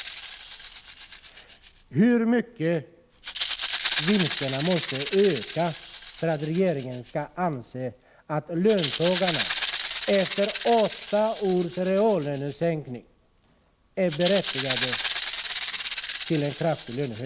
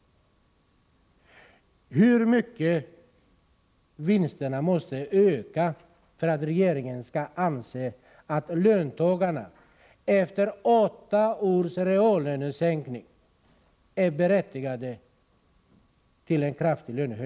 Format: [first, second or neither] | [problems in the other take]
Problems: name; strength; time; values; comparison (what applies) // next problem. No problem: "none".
second | background sound (Rattle (instrument)); 8 dB below the speech